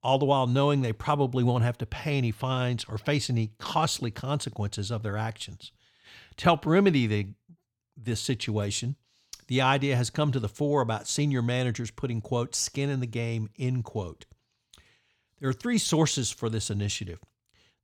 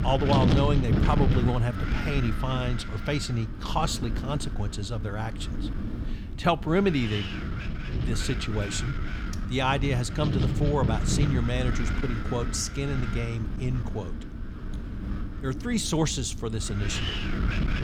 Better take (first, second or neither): first